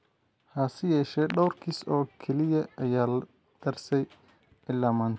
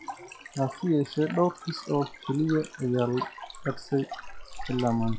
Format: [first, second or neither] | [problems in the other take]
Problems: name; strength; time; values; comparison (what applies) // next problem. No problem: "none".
first | noise reduction (classical method log-MMSE)